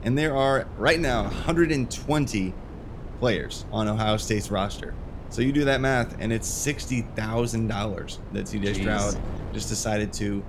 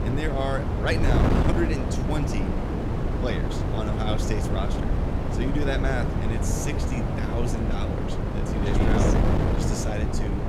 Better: first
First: wind noise on the microphone; occasional gusts; 15 dB below the speech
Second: wind noise on the microphone; heavy; 1 dB above the speech

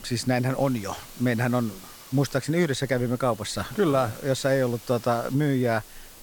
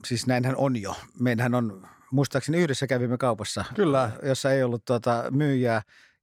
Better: second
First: hiss; noticeable; throughout; 20 dB below the speech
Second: none

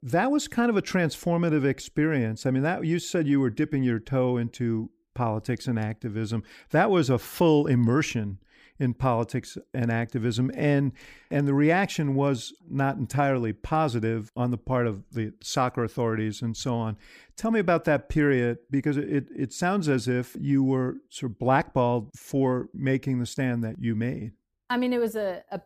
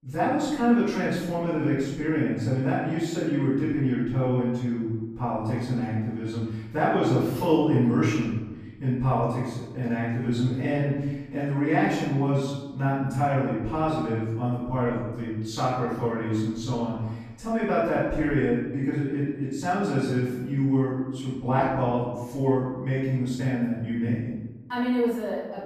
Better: first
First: none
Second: off-mic speech; far // room echo; strong; dies away in 1 s

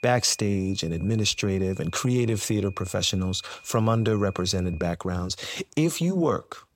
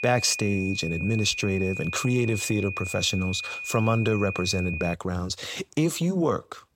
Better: first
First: high-pitched whine; faint; until 5 s; 2.5 kHz, 25 dB below the speech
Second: high-pitched whine; loud; until 5 s; 2.5 kHz, 7 dB below the speech

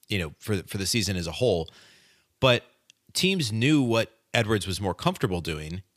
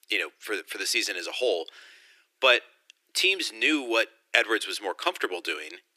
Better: first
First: none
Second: thin; very; fading below 300 Hz

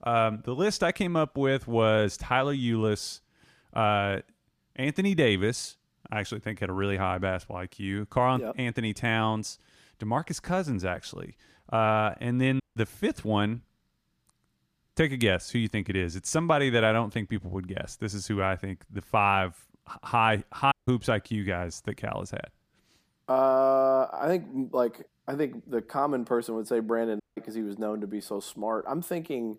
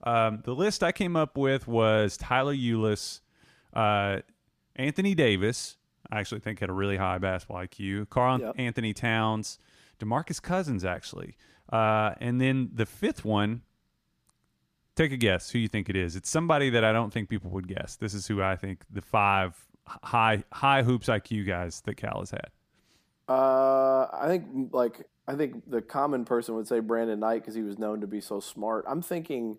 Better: second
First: audio cutting out; at 13 s, at 21 s and at 27 s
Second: none

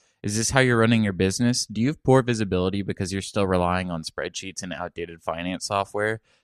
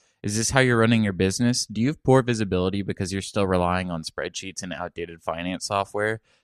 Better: neither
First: none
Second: none

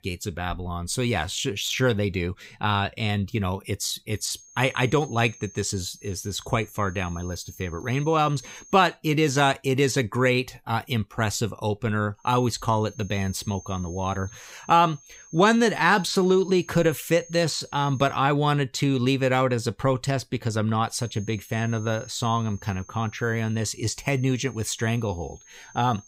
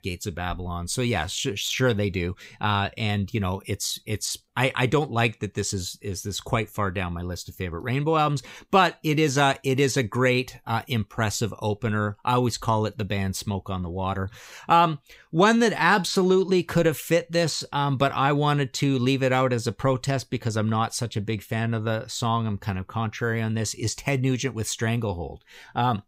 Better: second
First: high-pitched whine; faint; from 4 to 9 s, from 12 to 18 s and from 21 s on; 6.5 kHz, 20 dB below the speech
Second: none

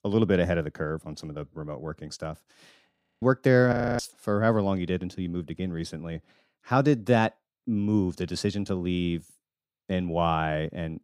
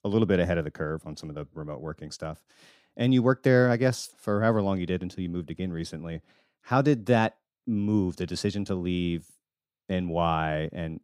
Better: second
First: audio freezing; at 3 s and at 3.5 s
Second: none

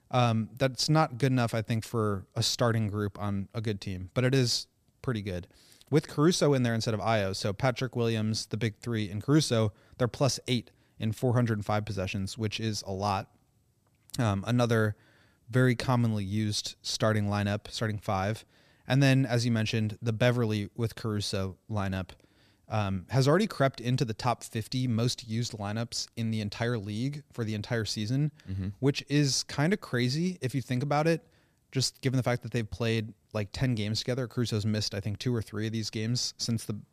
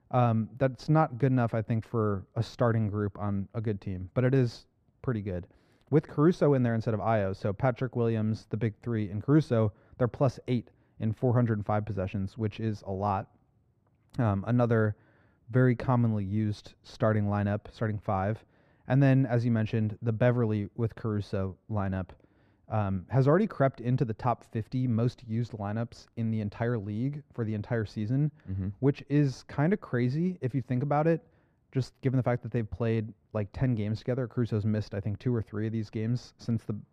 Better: first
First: none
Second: muffled; very; fading above 2.5 kHz

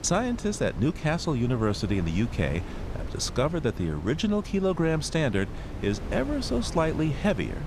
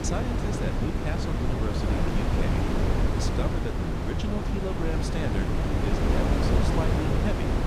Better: first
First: wind noise on the microphone; occasional gusts; 15 dB below the speech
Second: wind noise on the microphone; heavy; 4 dB above the speech

